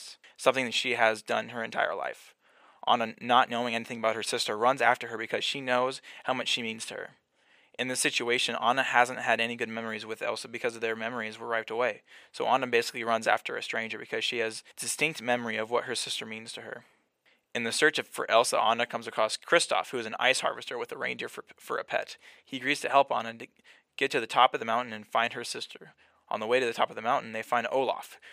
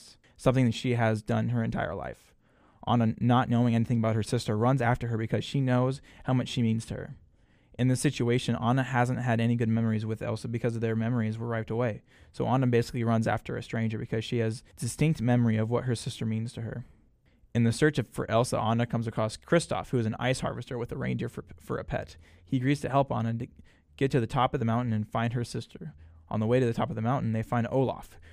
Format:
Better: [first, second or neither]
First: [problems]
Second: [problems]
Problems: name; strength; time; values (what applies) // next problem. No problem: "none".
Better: second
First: thin; very; fading below 650 Hz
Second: none